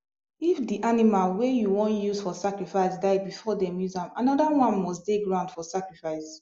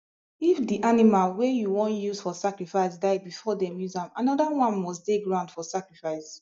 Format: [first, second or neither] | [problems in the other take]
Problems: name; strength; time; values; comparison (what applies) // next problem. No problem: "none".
first | noise reduction (neural mask model DeepFilterNet 3)